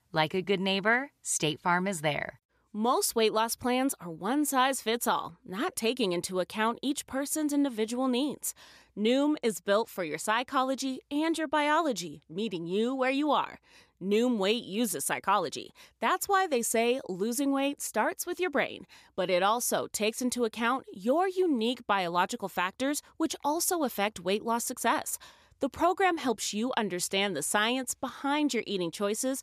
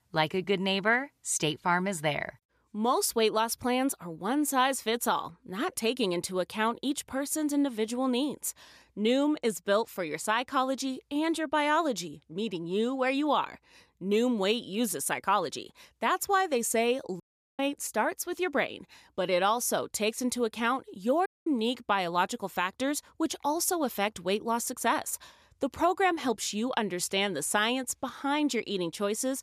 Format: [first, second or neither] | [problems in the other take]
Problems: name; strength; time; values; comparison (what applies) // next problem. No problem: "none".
first | audio cutting out; at 17 s and at 21 s